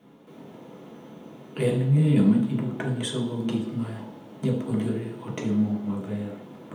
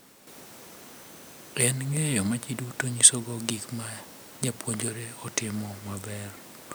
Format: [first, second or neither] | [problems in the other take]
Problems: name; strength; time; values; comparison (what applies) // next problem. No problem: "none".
second | room echo; dies away in 0.8 s